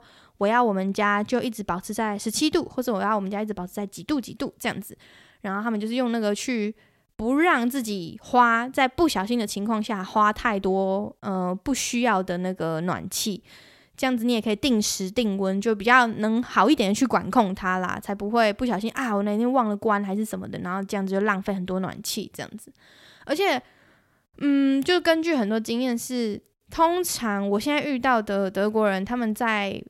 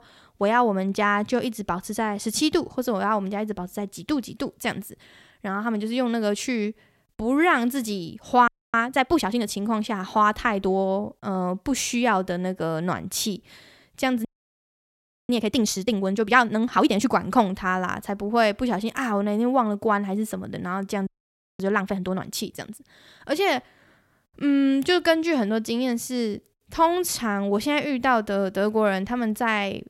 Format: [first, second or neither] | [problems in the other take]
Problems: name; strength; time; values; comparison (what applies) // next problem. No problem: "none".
first | audio freezing; at 8.5 s, at 14 s for 1 s and at 21 s for 0.5 s